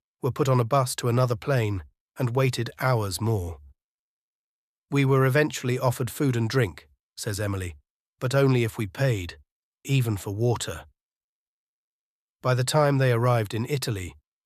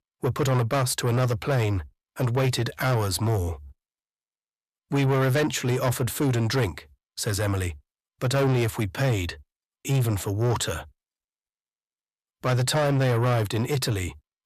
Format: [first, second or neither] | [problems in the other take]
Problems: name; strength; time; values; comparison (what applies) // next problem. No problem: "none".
first | distortion; heavy; 8 dB below the speech